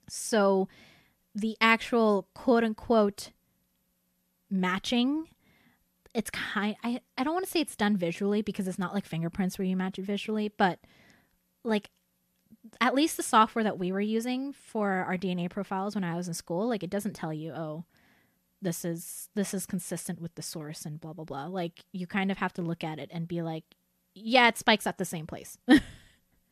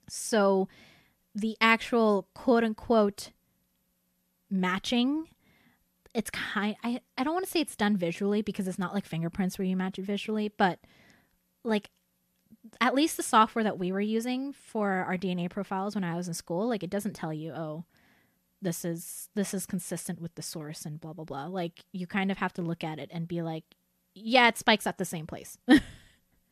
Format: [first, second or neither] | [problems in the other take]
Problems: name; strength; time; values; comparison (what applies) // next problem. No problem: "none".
neither | none